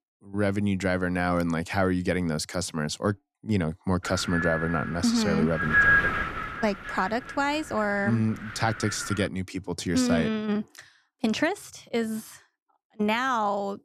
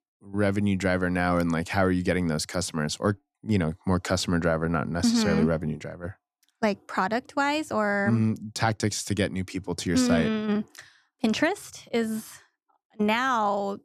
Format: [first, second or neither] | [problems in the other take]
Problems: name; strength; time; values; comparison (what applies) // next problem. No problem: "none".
second | wind noise on the microphone; heavy; from 4 to 9.5 s; 3 dB above the speech